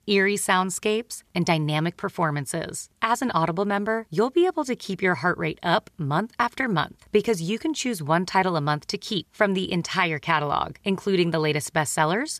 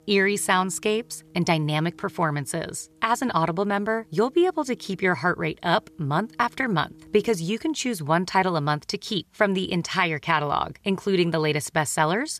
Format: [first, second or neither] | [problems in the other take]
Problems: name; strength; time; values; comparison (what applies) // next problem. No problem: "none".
first | background music; faint; throughout; 30 dB below the speech